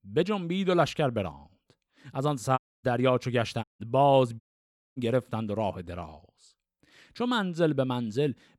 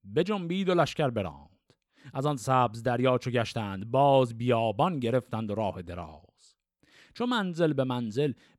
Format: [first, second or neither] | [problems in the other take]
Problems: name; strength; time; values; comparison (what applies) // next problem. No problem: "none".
second | audio cutting out; at 2.5 s, at 3.5 s and at 4.5 s for 0.5 s